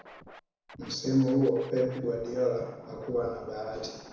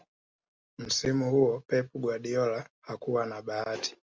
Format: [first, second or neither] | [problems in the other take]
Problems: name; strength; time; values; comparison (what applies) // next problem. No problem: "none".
second | background sound (Scratching (performance technique)); 19 dB below the speech // room echo; dies away in 1 s